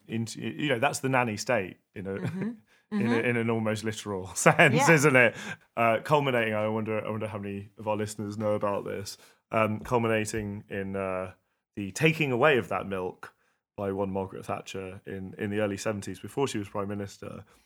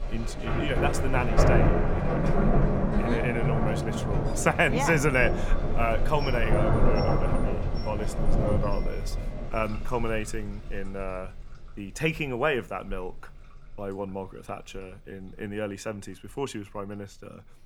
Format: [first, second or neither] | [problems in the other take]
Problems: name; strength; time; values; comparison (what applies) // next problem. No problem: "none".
first | rain or running water; very loud; throughout; 2 dB above the speech